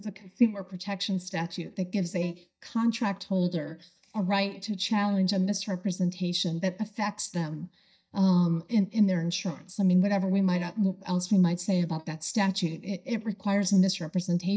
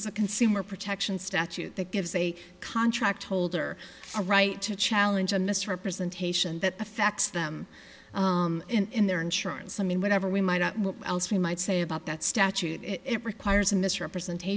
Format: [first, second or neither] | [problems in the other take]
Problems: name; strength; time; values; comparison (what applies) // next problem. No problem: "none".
second | noise reduction (neural mask model DeepFilterNet 3)